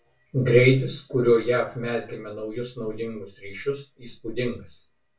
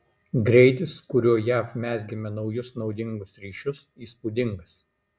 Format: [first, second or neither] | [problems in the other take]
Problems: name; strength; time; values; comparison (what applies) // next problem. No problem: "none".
second | room echo; dies away in 0.2 s